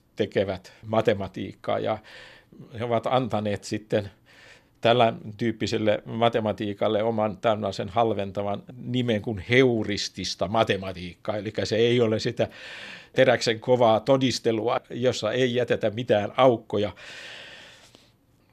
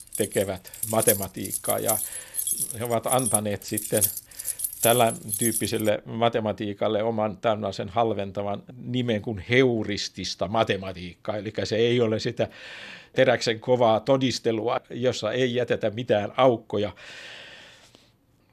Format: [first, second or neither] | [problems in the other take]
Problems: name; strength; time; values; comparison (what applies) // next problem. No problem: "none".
first | jangling keys; loud; until 6 s; peak 2 dB above the speech